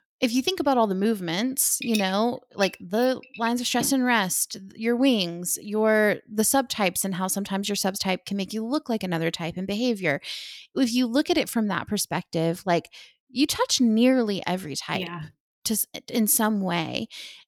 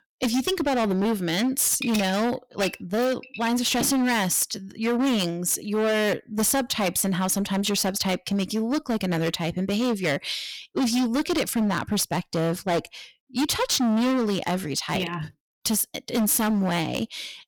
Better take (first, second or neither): first